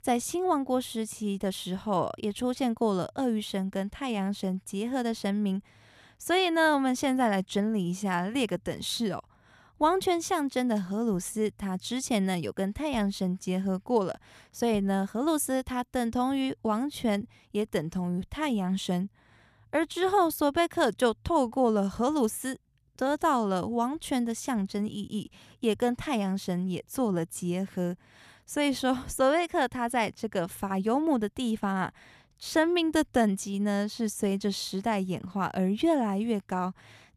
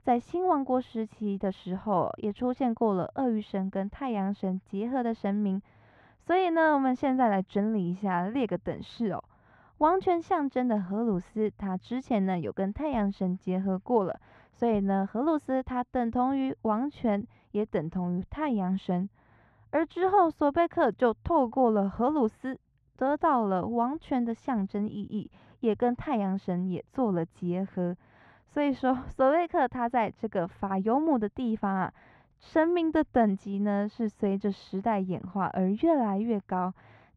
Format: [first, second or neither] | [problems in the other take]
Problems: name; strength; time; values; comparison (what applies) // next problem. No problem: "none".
first | muffled; very; fading above 1.5 kHz